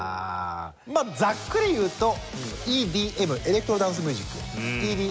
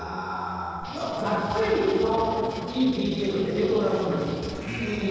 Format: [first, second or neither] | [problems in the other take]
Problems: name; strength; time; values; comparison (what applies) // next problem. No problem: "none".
first | noise reduction (neural separator model SepFormer DNS4)